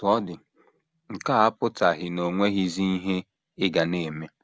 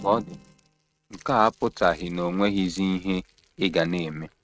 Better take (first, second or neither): first